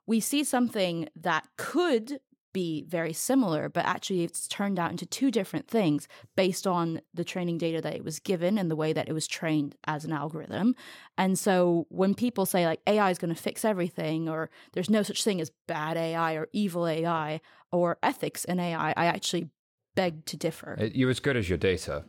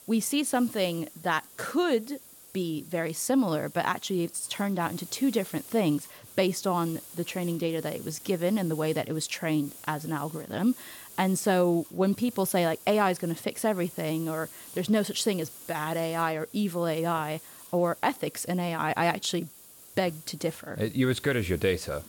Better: first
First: none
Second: hiss; noticeable; throughout; 15 dB below the speech

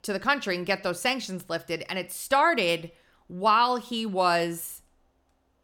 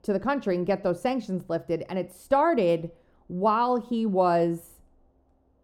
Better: first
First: none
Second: muffled; slightly; fading above 1 kHz

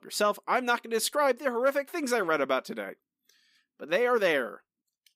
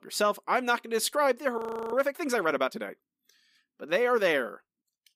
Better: first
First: none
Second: audio freezing; at 1.5 s

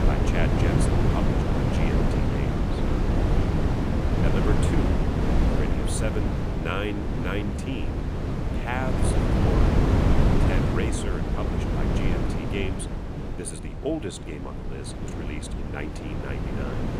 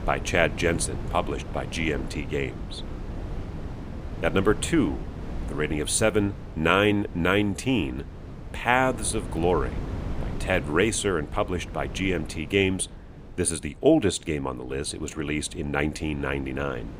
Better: second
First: wind noise on the microphone; heavy; 4 dB above the speech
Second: wind noise on the microphone; occasional gusts; 15 dB below the speech

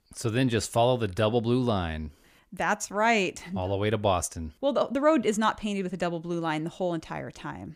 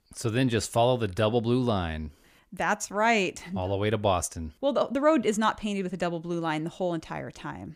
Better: neither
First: none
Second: none

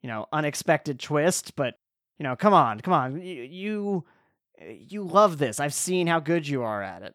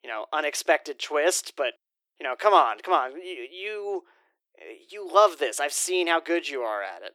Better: first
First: none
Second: thin; very; fading below 350 Hz

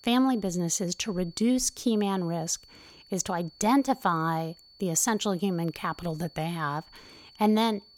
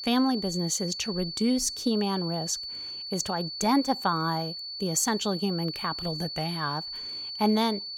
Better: first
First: high-pitched whine; faint; throughout; 4.5 kHz, 25 dB below the speech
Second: high-pitched whine; loud; throughout; 4.5 kHz, 6 dB below the speech

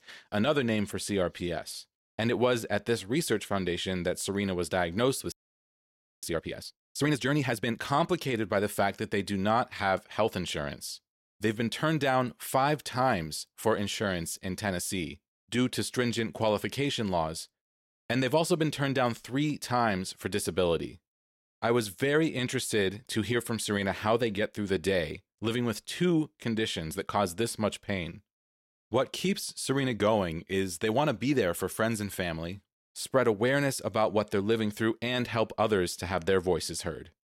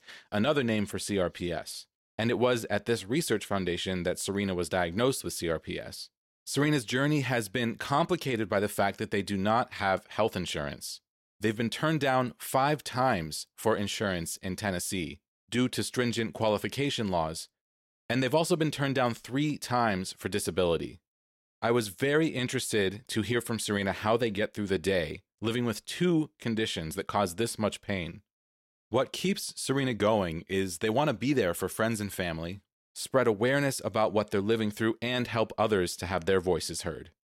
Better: second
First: audio freezing; at 5.5 s for 1 s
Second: none

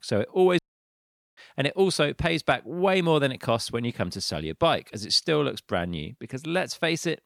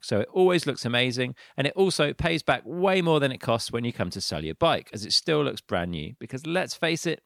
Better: second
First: audio cutting out; at 0.5 s for 1 s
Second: none

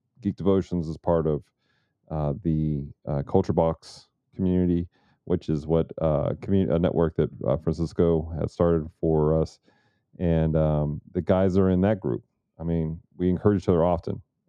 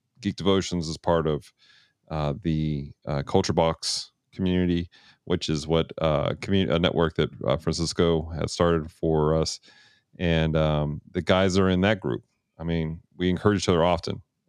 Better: second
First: muffled; very; fading above 1.5 kHz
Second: none

